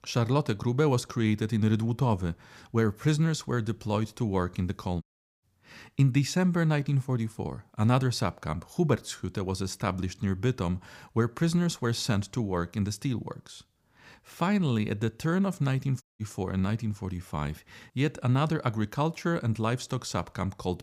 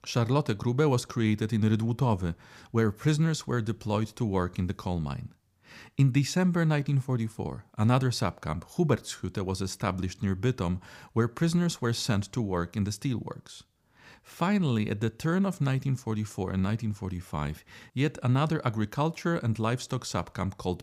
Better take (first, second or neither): second